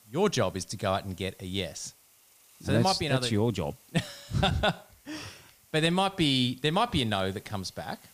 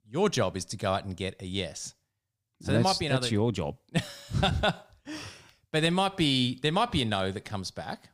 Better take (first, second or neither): second